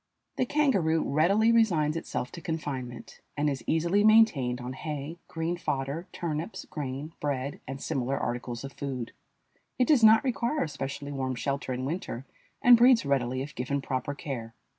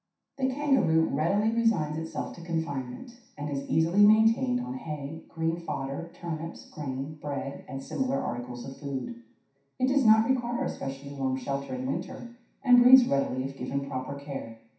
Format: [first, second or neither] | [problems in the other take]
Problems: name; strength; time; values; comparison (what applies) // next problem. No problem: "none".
first | room echo; dies away in 0.7 s